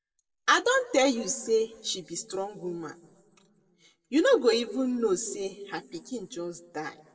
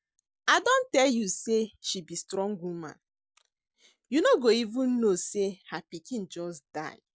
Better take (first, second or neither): second